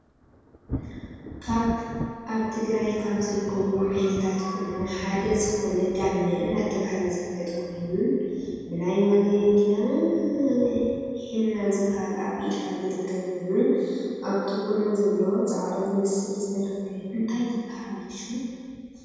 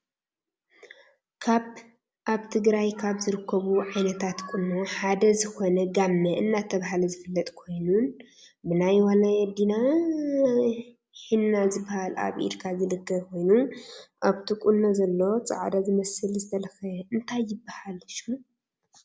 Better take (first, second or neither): second